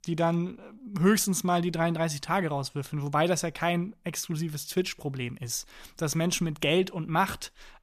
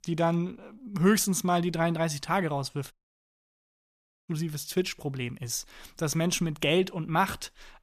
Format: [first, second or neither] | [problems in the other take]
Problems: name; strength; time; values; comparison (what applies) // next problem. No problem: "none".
first | audio cutting out; at 3 s for 1.5 s